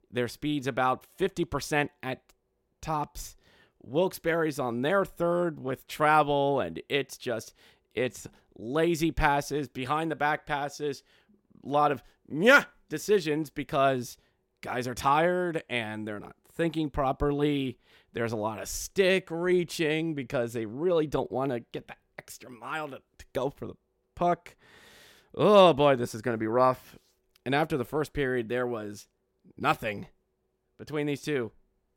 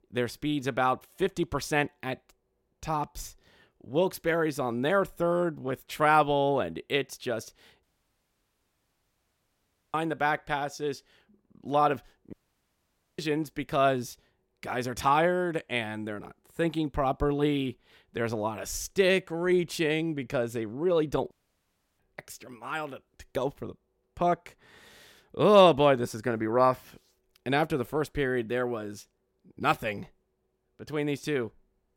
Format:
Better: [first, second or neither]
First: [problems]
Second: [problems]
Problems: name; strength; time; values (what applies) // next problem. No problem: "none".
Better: first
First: none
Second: audio cutting out; at 8 s for 2 s, at 12 s for 1 s and at 21 s for 0.5 s